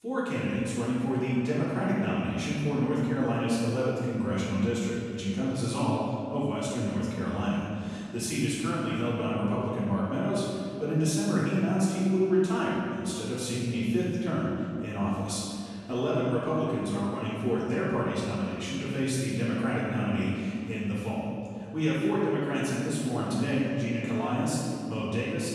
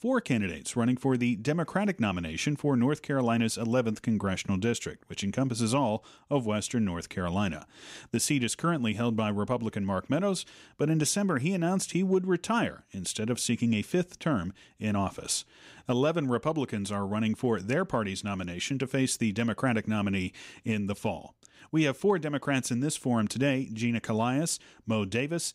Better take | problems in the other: second | off-mic speech; far // room echo; strong; dies away in 2.3 s

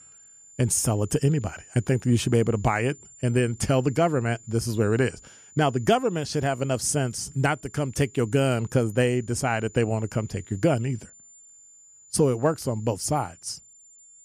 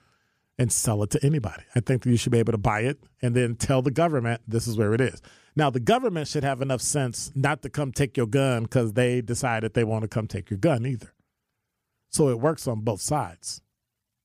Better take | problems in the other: second | high-pitched whine; faint; throughout; 7 kHz, 25 dB below the speech

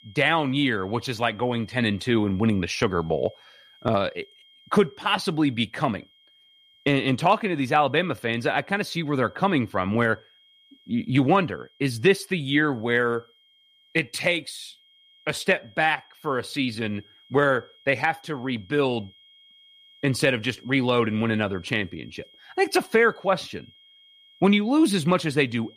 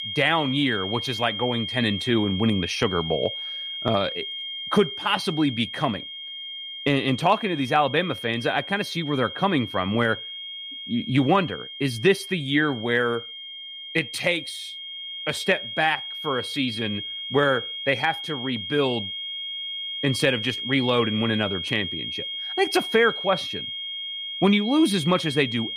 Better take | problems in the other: first | high-pitched whine; loud; throughout; 3 kHz, 7 dB below the speech; faint in the first

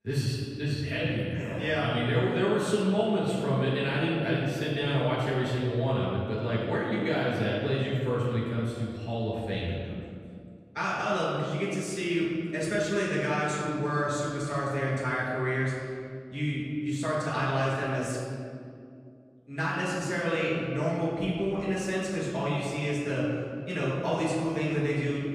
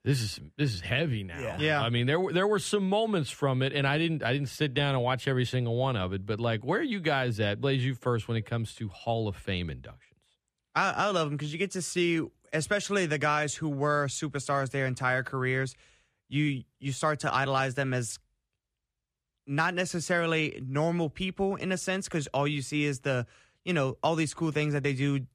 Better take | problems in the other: second | off-mic speech; far // room echo; strong; dies away in 2.2 s

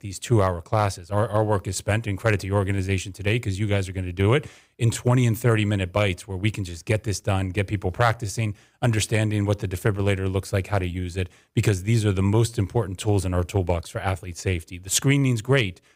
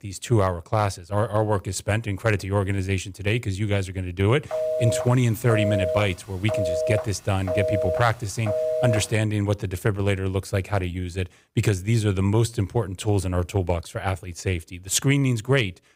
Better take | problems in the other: first | phone ringing; loud; from 4.5 to 9 s; peak level with the speech

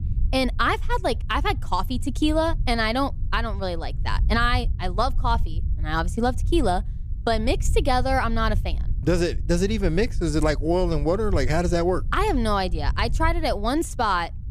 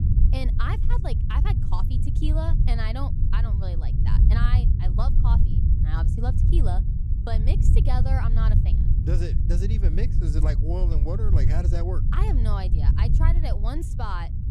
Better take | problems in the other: first | low rumble; loud; throughout; 3 dB below the speech; faint in the first

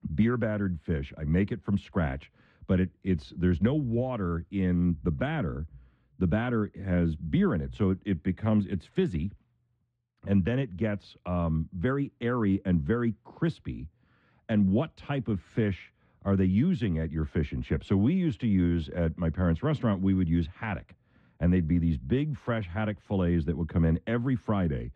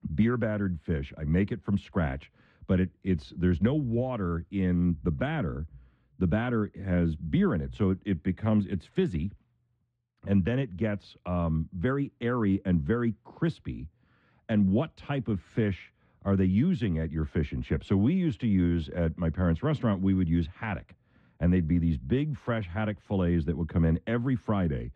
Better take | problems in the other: neither | muffled; very; fading above 2 kHz; the same in both

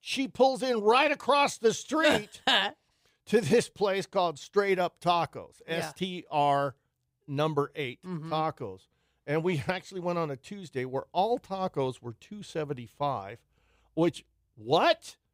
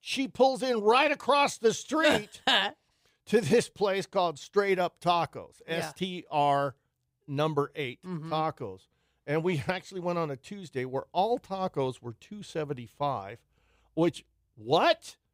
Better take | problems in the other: neither | none

